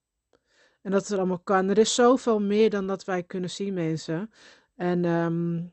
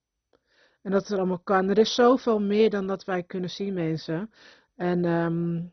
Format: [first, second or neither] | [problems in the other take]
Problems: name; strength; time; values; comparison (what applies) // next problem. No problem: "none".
first | garbled, watery; badly; nothing above 6 kHz; slightly in the first